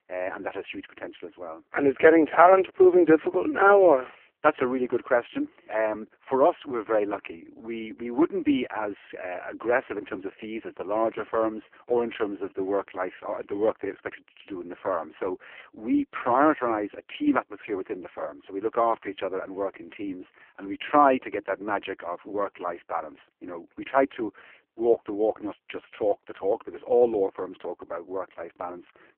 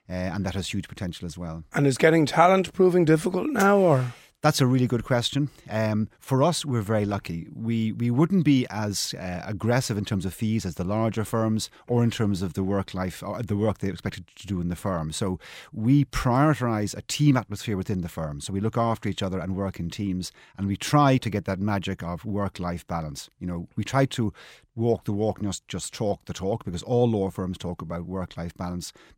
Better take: second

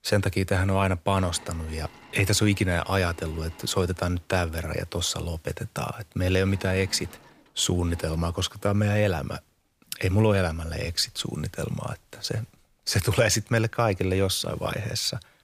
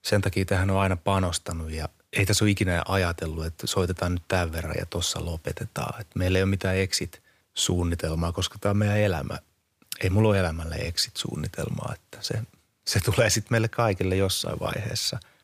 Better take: second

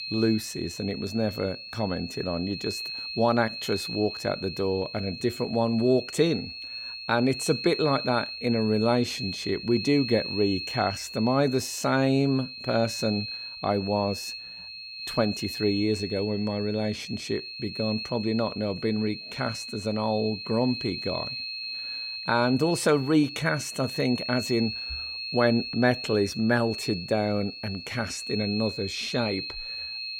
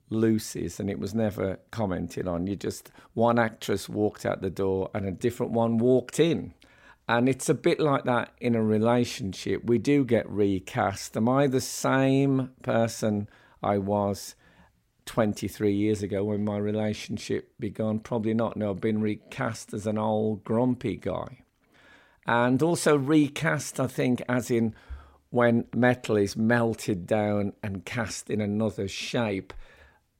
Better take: second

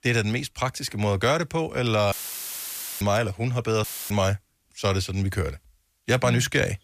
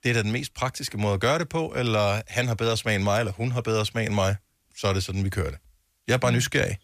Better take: second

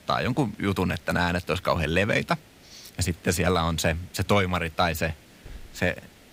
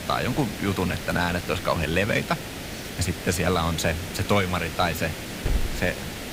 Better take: first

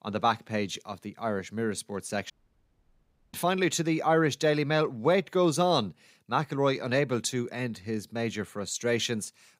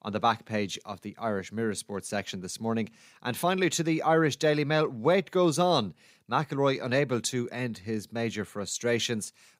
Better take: second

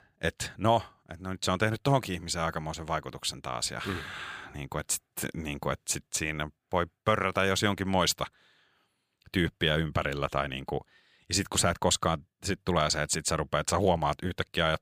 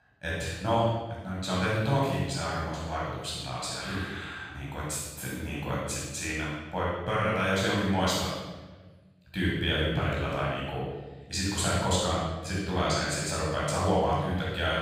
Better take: first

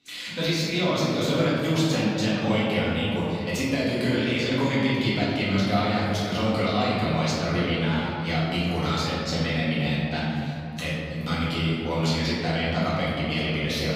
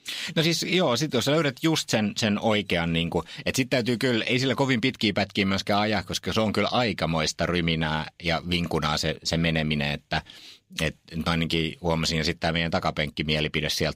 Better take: second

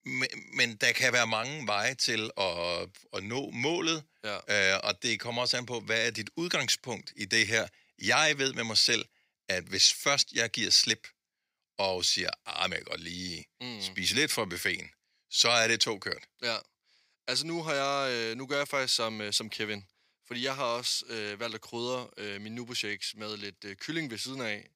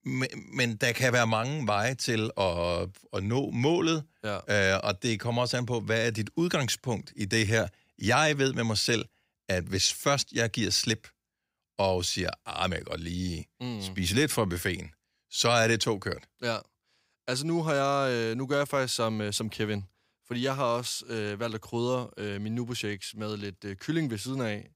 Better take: second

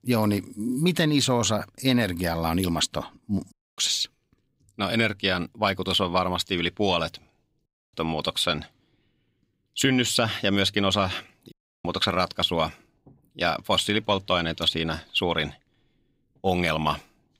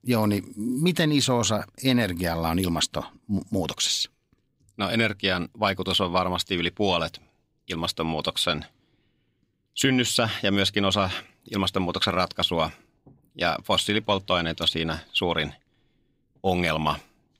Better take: second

